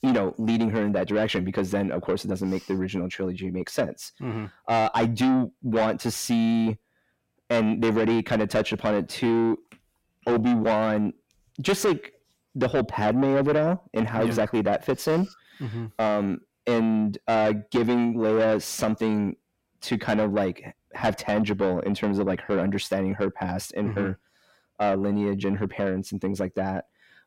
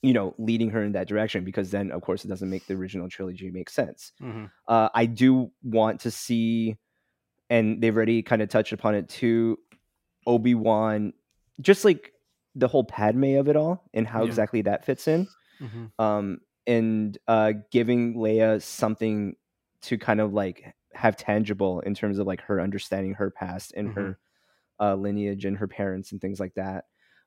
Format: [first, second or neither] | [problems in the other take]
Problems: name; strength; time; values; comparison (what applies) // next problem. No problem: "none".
second | distortion; heavy; 7 dB below the speech